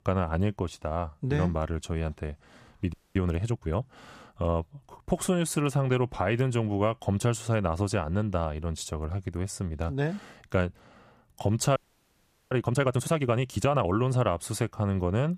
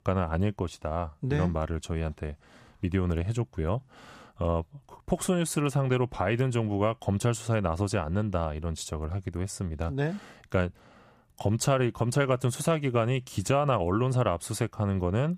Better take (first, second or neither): second